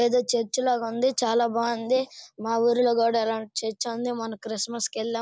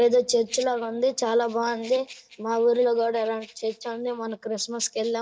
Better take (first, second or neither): first